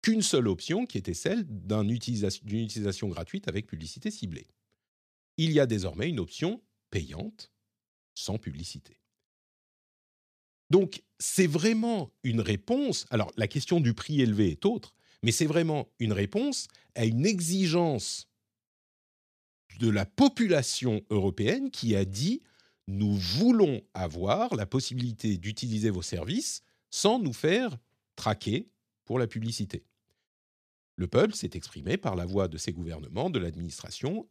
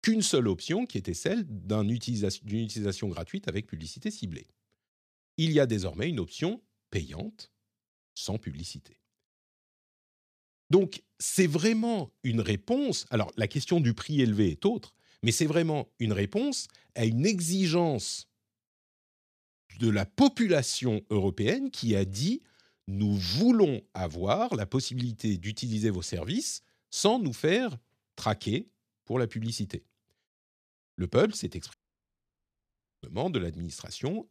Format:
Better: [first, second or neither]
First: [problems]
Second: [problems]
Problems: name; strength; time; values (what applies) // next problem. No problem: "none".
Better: first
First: none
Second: audio cutting out; at 32 s for 1.5 s